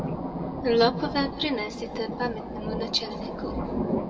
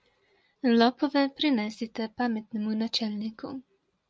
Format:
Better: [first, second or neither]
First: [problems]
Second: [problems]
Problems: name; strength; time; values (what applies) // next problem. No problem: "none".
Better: second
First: background sound (Thunder); 3 dB below the speech // room echo; dies away in 1.4 s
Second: none